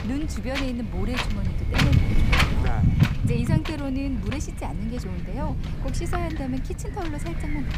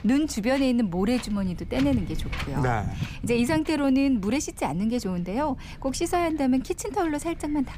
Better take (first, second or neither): second